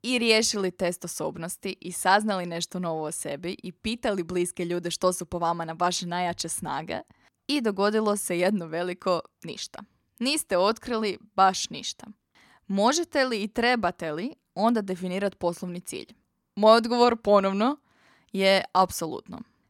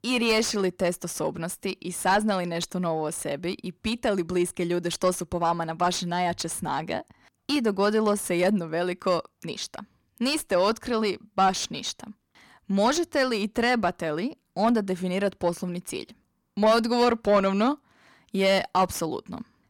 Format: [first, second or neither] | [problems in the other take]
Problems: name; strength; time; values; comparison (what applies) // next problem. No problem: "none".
first | distortion; slight; 10 dB below the speech